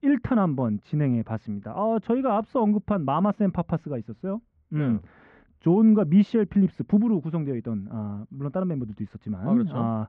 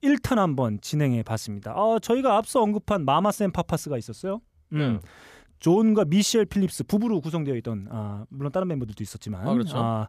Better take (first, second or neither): second